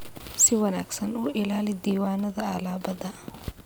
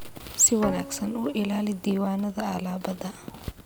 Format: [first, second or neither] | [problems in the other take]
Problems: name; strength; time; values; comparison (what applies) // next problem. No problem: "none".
first | background sound (Bowed string instrument); 14 dB below the speech